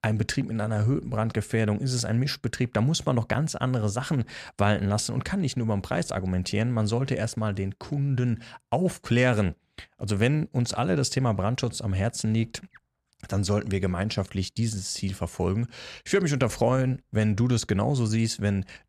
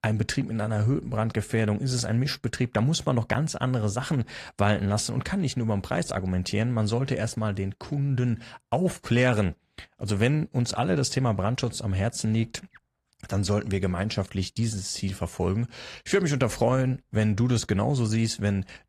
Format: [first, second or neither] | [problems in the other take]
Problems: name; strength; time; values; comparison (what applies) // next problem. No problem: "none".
first | garbled, watery; slightly; nothing above 13.5 kHz